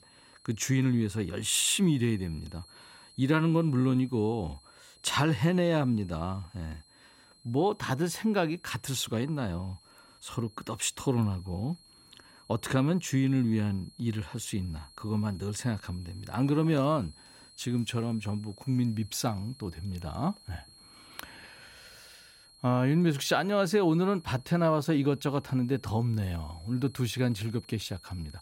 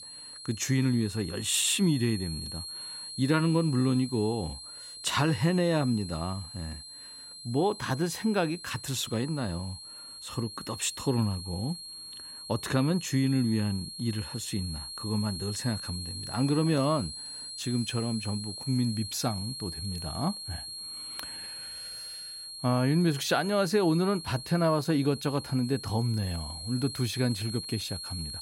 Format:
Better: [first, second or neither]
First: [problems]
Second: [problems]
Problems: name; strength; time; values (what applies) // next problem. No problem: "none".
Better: first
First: high-pitched whine; faint; throughout; 4.5 kHz, 25 dB below the speech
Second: high-pitched whine; loud; throughout; 4.5 kHz, 10 dB below the speech